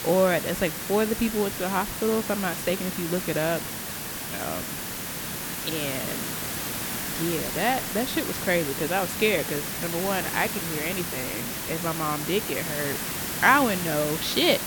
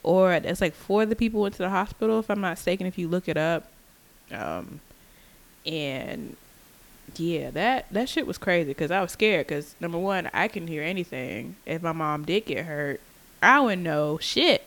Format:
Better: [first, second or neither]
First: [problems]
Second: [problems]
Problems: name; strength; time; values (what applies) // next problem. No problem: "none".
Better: second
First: hiss; loud; throughout; 3 dB below the speech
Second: hiss; faint; throughout; 25 dB below the speech